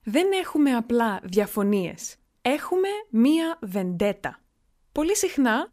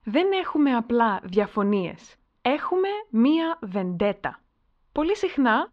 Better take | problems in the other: first | muffled; very; fading above 4 kHz

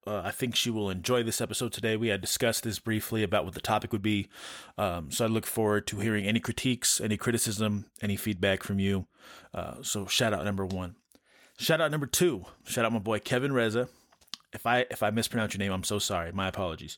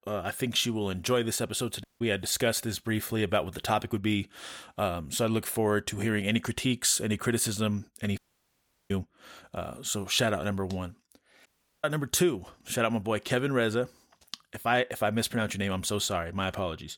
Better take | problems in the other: first | audio cutting out; at 2 s, at 8 s for 0.5 s and at 11 s

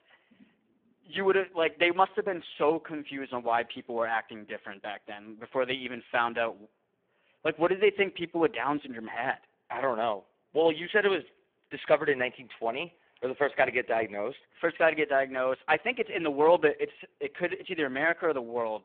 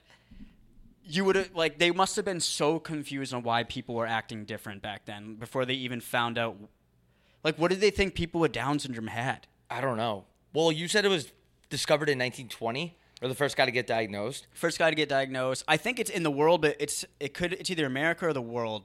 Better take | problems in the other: second | phone-call audio; poor line

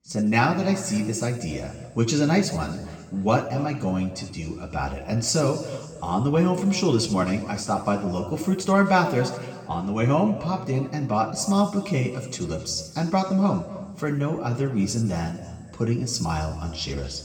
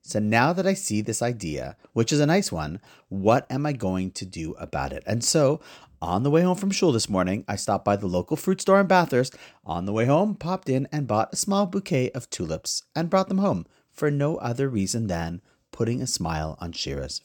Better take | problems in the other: second | room echo; slight; dies away in 1.9 s // off-mic speech; somewhat distant

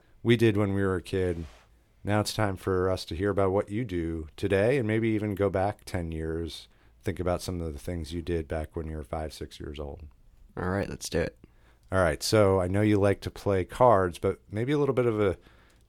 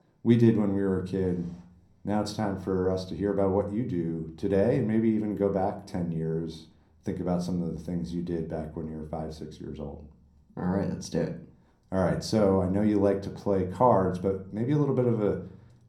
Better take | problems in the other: first | room echo; slight; dies away in 0.6 s // off-mic speech; somewhat distant

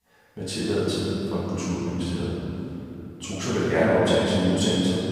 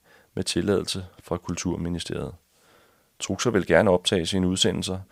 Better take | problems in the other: second | room echo; strong; dies away in 3 s // off-mic speech; far

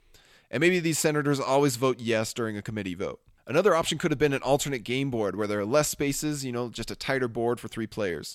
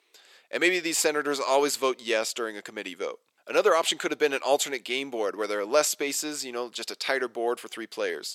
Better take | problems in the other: first | thin; somewhat; fading below 400 Hz

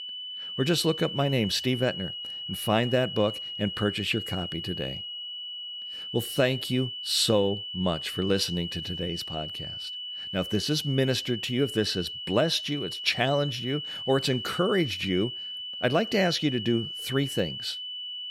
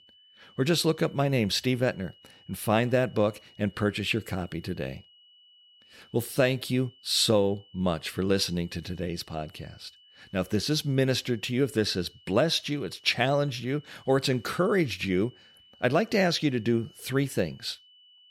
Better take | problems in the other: second | high-pitched whine; loud; throughout; 3 kHz, 6 dB below the speech; faint in the second

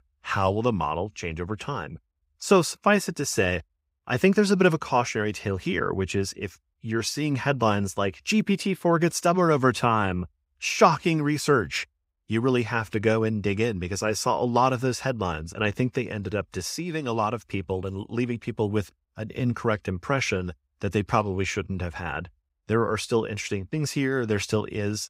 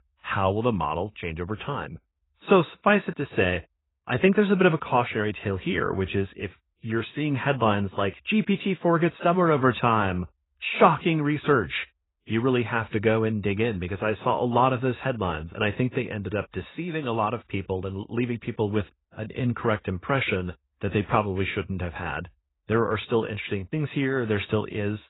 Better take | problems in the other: first | garbled, watery; badly; nothing above 4 kHz

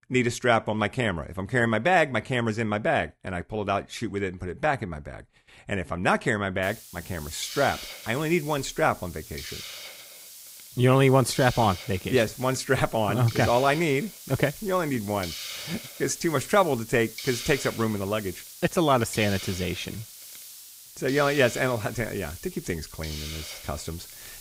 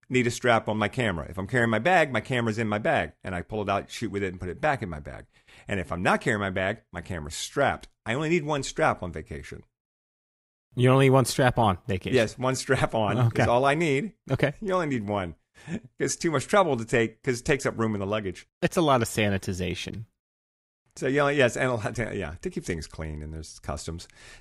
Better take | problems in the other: second | hiss; noticeable; from 6.5 s on; 15 dB below the speech

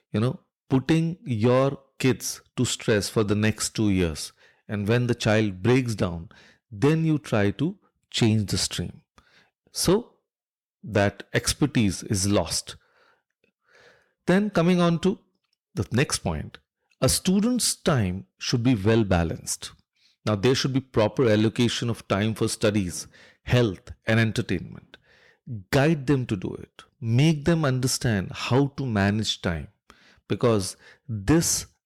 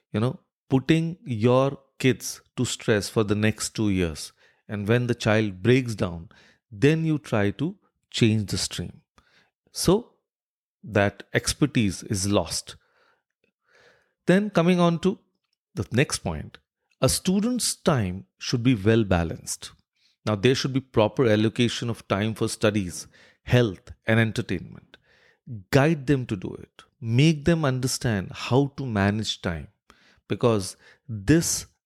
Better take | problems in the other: second | distortion; slight; 10 dB below the speech

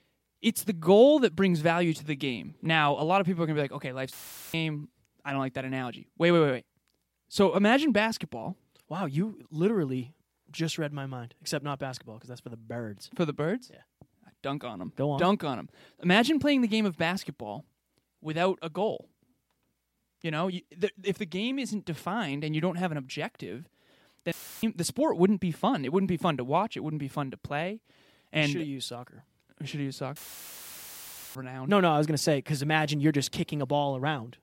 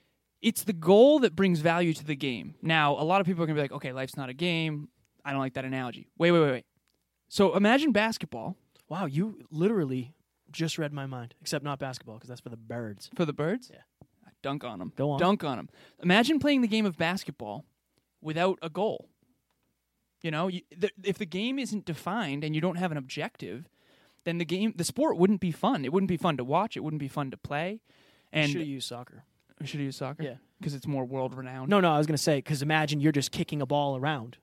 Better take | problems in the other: second | audio cutting out; filled with static; at 4 s, at 24 s and at 30 s for 1 s

